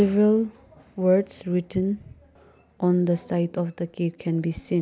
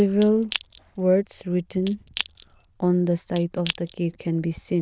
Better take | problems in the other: first | noise reduction (neural diffusion model UNIVERSE++)

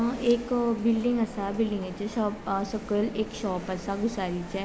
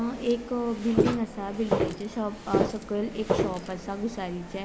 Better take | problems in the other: first | background sound (Walk, footsteps); 1 dB above the speech

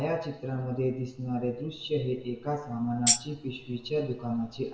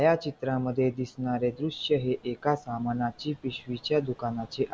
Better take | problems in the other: second | background sound (Tambourine); 3 dB above the speech // room echo; dies away in 0.9 s

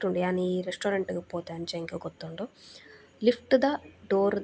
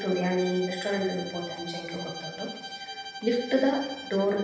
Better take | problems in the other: first | background sound (Bowed string instrument); 11 dB below the speech // room echo; dies away in 0.9 s

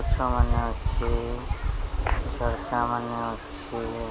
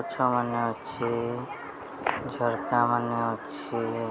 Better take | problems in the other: second | background sound (Wind); 3 dB above the speech

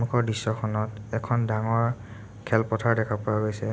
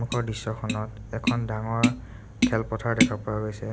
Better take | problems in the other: first | background sound (Tap); as loud as the speech

